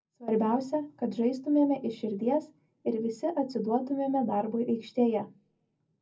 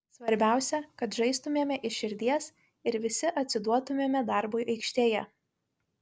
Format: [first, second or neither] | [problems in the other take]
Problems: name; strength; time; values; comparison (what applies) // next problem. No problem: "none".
second | room echo; dies away in 0.4 s